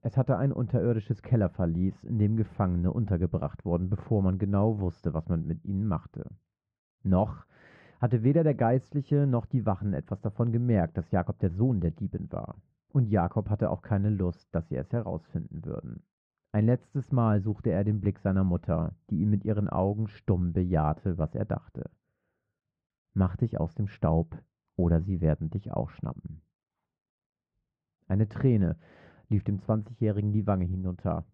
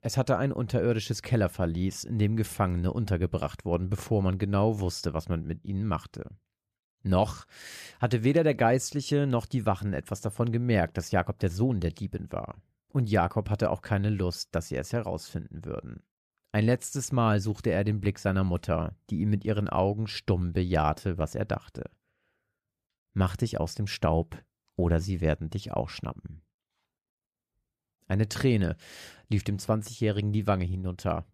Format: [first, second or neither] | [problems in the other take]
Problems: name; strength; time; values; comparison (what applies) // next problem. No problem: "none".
second | muffled; very; fading above 1 kHz